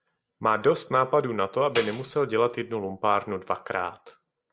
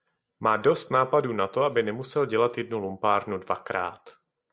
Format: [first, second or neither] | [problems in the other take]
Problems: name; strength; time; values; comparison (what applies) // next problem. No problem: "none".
second | background sound (Tambourine); 13 dB below the speech